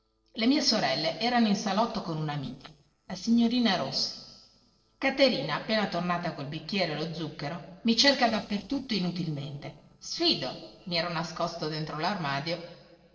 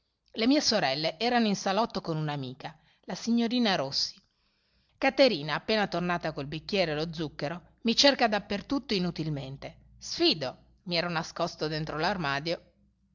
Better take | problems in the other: second | noise reduction (neural separator model SepFormer DNS4)

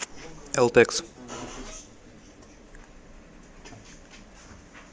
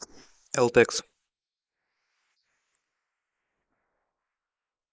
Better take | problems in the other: first | noise reduction (neural mask model Resemble Enhance denoiser)

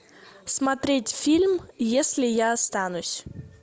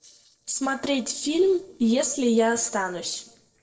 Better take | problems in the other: first | noise reduction (neural separator model SepFormer DNS4)

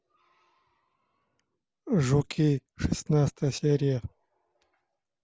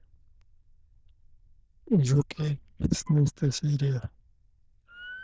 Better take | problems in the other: first | noise reduction (neural diffusion model UNIVERSE++)

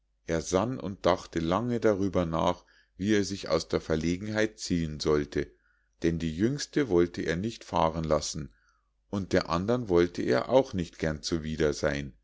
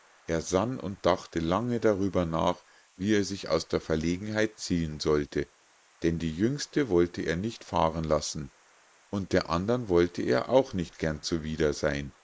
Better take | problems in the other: first | noise reduction (neural mask model Resemble Enhance denoiser)

